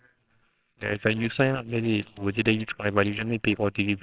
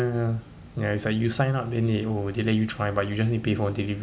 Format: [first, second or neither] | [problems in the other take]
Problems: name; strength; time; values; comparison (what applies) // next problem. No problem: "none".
second | noise reduction (neural separator model SepFormer WHAMR!)